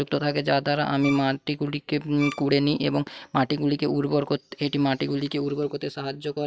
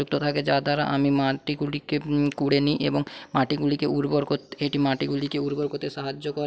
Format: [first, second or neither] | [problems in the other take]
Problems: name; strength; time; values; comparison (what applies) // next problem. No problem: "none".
second | noise reduction (neural mask model RNNoise)